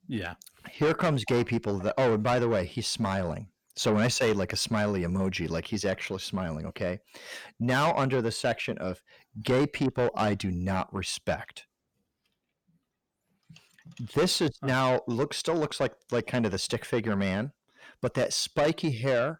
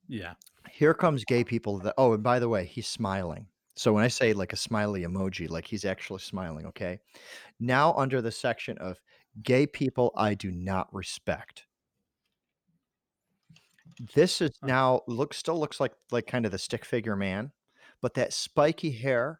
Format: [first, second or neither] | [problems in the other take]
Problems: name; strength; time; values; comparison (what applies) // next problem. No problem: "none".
second | distortion; heavy; 7 dB below the speech